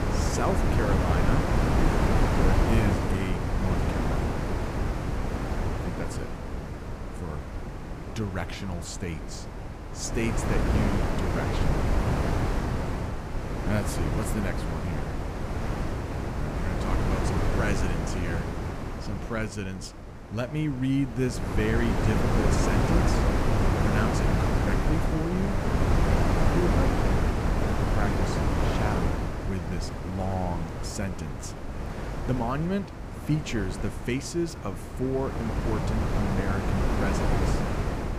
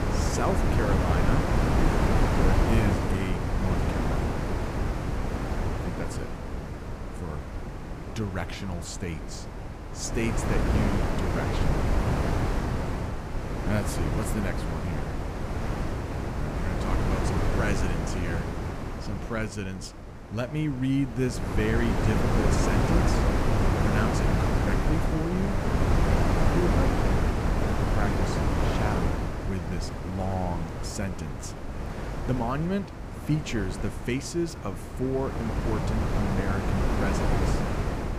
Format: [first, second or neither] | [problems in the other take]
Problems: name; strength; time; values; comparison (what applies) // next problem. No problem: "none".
neither | wind noise on the microphone; heavy; 3 dB above the speech; the same in both